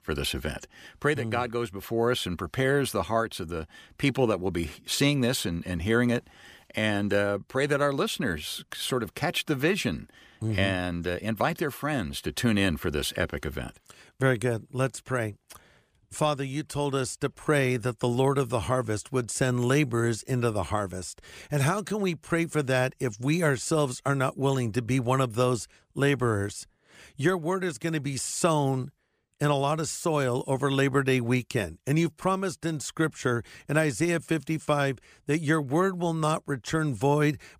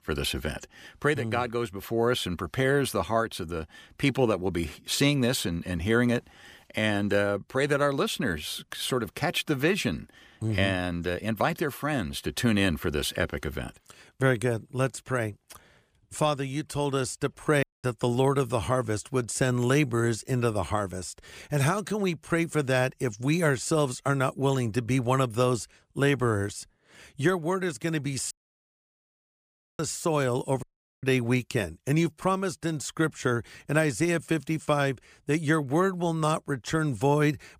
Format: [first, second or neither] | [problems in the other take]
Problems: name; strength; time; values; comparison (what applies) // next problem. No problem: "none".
first | audio cutting out; at 18 s, at 28 s for 1.5 s and at 31 s